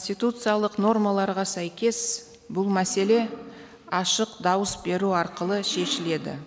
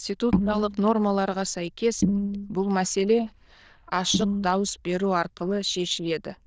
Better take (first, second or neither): first